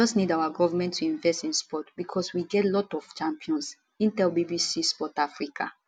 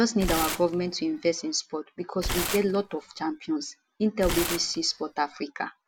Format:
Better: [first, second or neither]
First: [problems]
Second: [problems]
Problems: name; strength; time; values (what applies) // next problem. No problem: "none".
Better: first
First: none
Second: background sound (Tearing); 6 dB below the speech